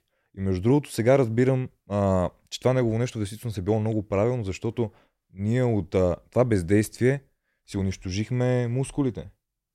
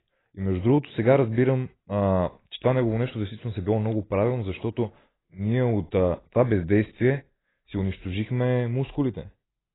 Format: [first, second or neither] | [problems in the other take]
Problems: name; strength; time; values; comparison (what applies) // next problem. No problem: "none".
first | garbled, watery; badly; nothing above 4 kHz